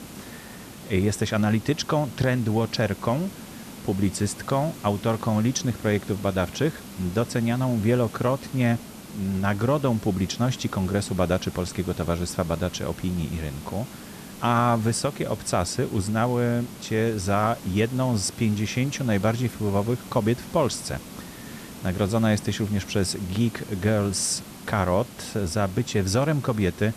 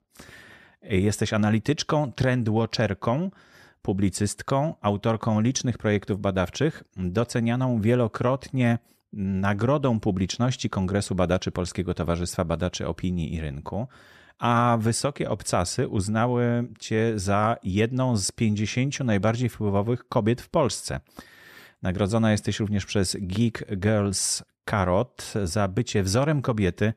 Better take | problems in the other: second | hiss; noticeable; throughout; 15 dB below the speech

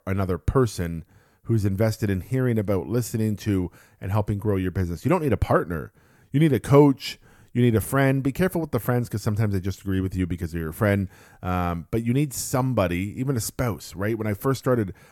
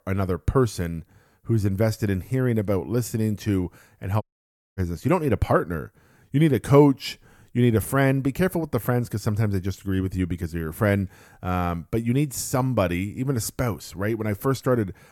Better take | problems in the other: first | audio cutting out; at 4 s for 0.5 s

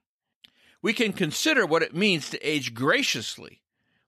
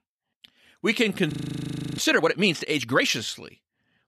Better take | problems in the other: first | audio freezing; at 1.5 s for 0.5 s

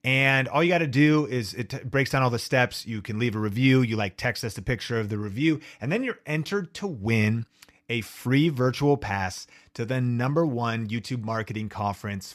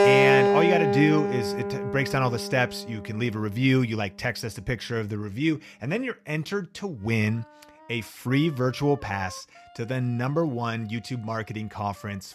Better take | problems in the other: first | background music; very loud; throughout; 2 dB above the speech

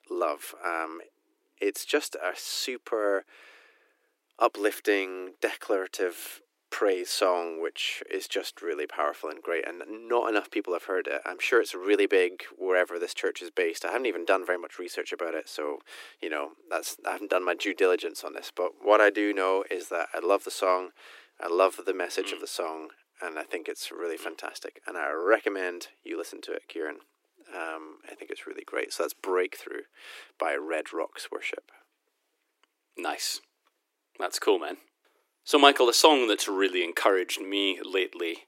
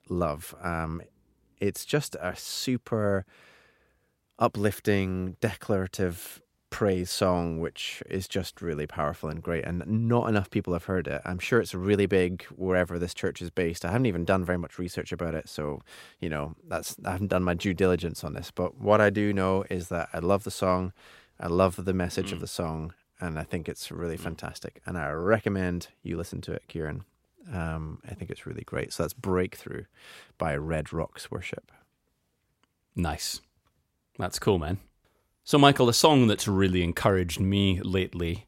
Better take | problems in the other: second | thin; very; fading below 300 Hz

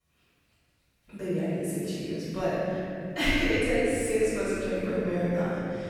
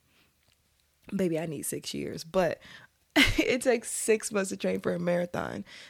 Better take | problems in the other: second | off-mic speech; far // room echo; strong; dies away in 3 s

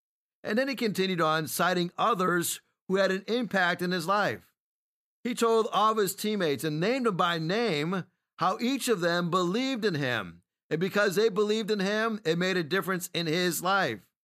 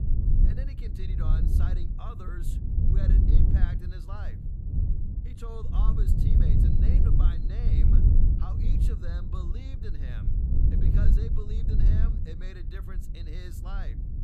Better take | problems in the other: first | wind noise on the microphone; heavy; 3 dB above the speech

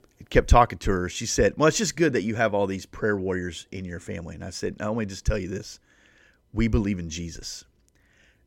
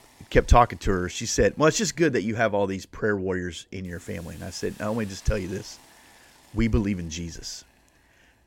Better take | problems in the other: first | hiss; faint; throughout; 25 dB below the speech

